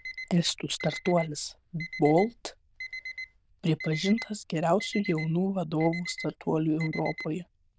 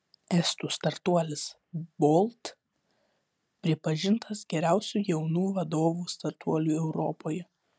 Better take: second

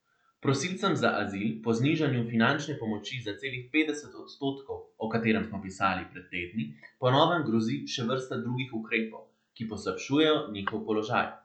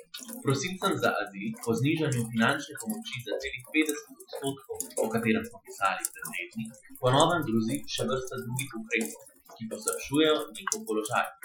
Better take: first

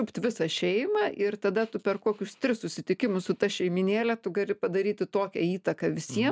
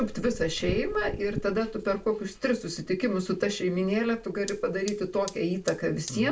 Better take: first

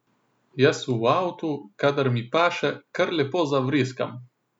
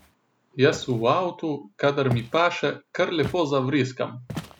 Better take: first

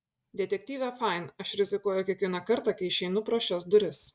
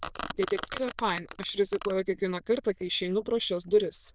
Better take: first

